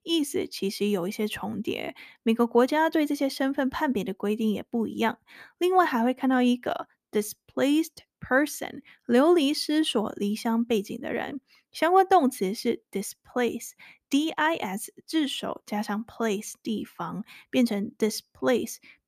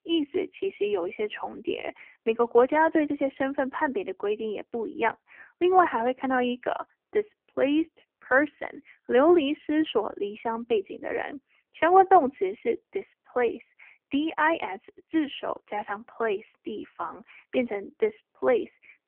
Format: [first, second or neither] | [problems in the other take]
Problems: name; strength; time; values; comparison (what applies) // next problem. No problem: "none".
first | phone-call audio; poor line; nothing above 3 kHz